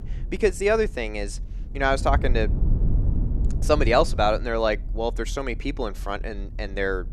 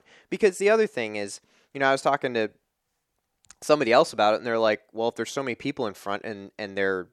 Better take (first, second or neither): second